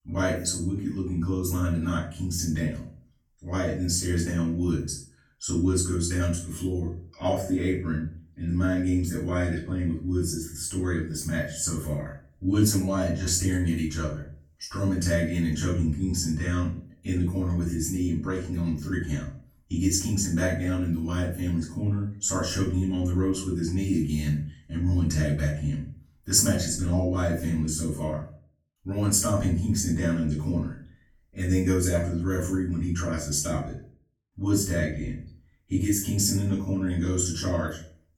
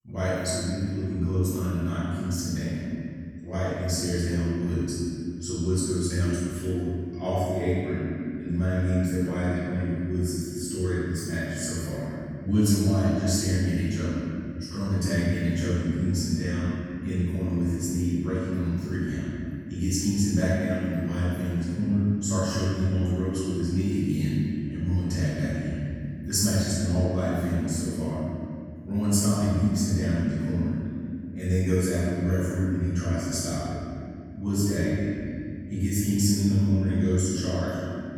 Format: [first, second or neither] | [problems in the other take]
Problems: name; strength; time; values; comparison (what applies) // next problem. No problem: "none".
first | room echo; strong; dies away in 2.5 s; slight in the first // off-mic speech; far; far in the first